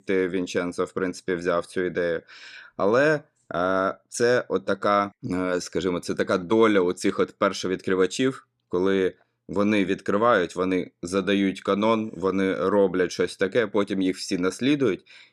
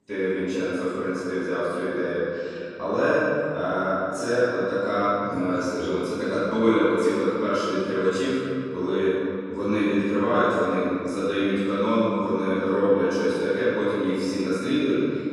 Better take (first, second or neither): first